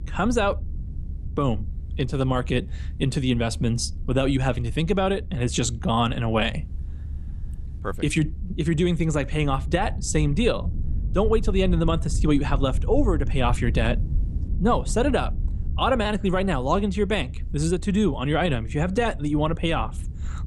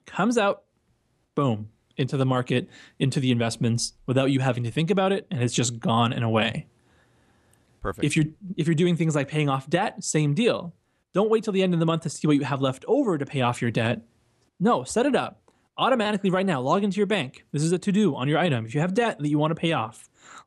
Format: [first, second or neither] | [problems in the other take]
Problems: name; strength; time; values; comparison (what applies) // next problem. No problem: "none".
second | low rumble; faint; throughout; 20 dB below the speech